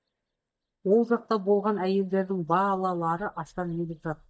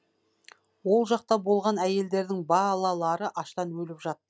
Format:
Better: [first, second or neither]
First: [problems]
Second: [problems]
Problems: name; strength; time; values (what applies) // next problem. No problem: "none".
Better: second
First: noise reduction (neural mask model DeepFilterNet 3)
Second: none